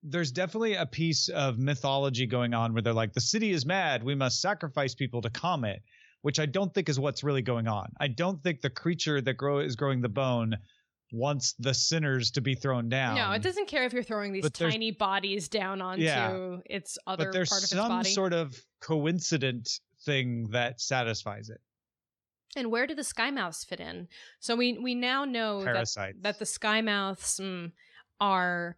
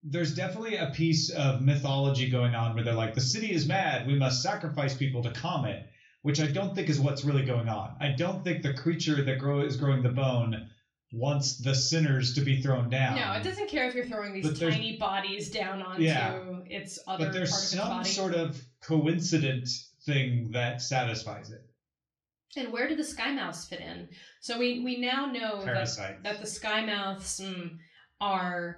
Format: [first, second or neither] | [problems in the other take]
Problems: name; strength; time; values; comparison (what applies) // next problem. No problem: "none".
first | room echo; slight; dies away in 0.3 s // off-mic speech; far